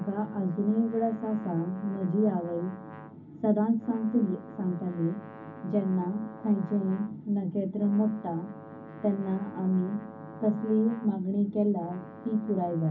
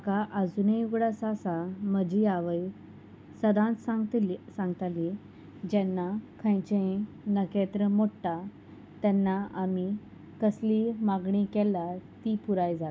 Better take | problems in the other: second | background sound (Brass instrument); 19 dB below the speech // room echo; dies away in 0.4 s

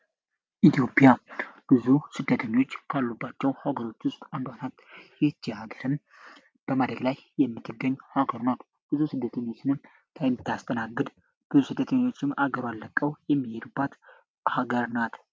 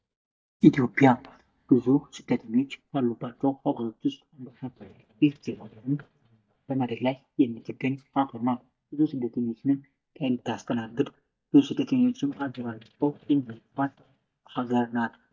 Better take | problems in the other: first | noise reduction (neural mask model DeepFilterNet 3)

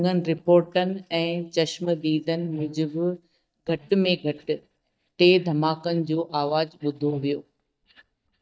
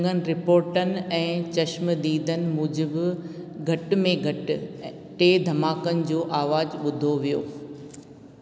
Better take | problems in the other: second | noise reduction (neural mask model DeepFilterNet 3)

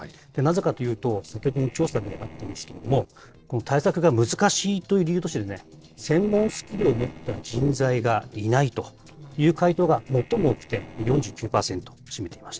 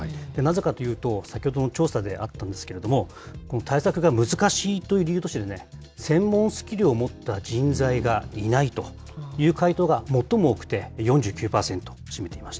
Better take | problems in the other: second | noise reduction (neural separator model SepFormer DNS4)

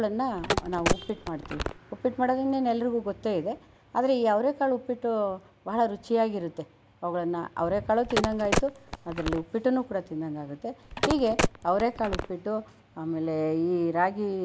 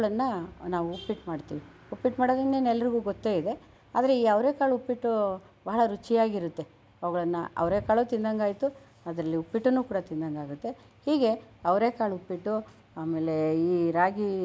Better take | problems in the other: second | background sound (Telephone); 2 dB below the speech

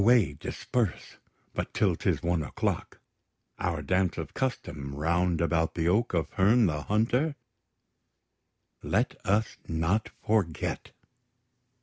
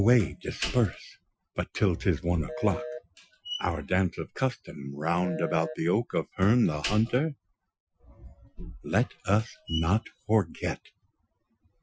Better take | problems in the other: first | noise reduction (classical method Wiener filter)

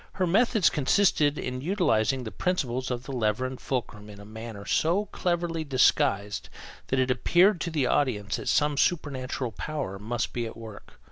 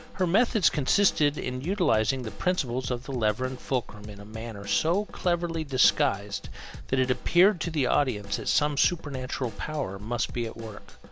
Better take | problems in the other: first | background sound (Drum / Drum kit); 15 dB below the speech

